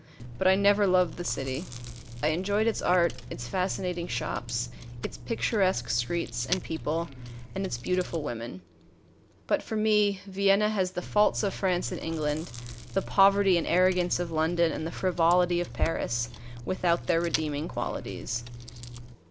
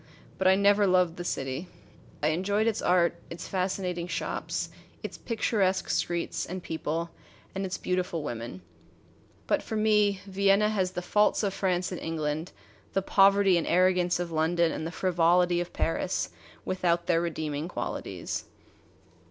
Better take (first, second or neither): second